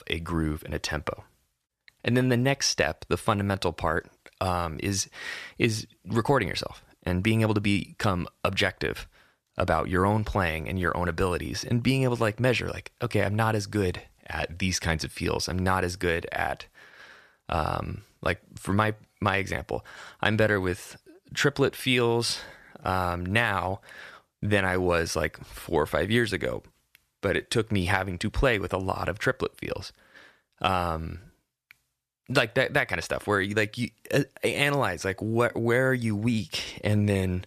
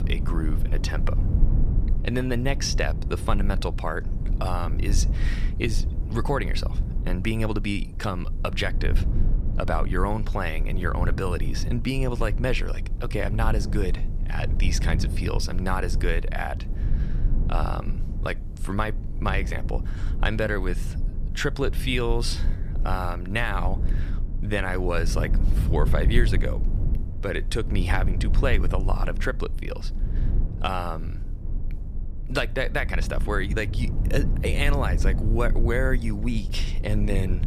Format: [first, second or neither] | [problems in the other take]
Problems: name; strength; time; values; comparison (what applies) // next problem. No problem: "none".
first | low rumble; noticeable; throughout; 15 dB below the speech